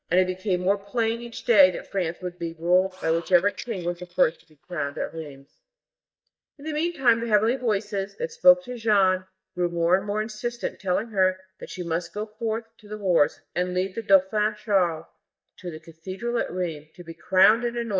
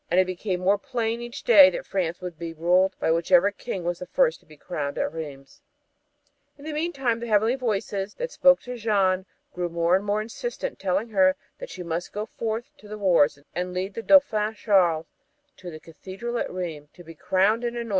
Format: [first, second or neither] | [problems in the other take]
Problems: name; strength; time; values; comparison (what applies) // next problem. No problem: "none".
second | noise reduction (neural mask model DeepFilterNet 3)